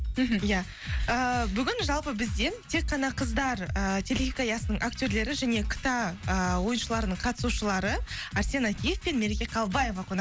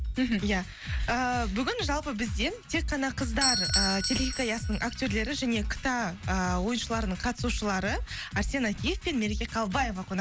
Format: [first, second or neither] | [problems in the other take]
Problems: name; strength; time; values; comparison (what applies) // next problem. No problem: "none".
first | background sound (Doorbell); 9 dB below the speech